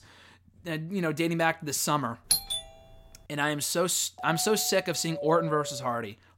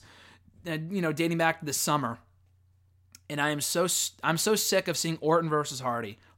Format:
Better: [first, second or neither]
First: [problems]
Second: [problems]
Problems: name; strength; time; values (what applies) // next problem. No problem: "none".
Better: second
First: doorbell; loud; at 2.5 s; peak 2 dB above the speech // doorbell; noticeable; from 4 s on; peak 7 dB below the speech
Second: none